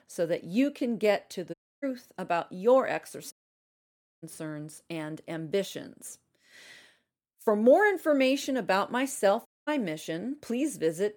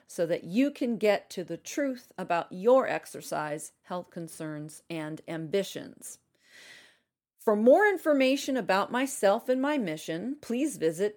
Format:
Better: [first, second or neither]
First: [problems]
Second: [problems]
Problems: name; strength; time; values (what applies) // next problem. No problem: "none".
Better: second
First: audio cutting out; at 1.5 s, at 3.5 s for 1 s and at 9.5 s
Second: none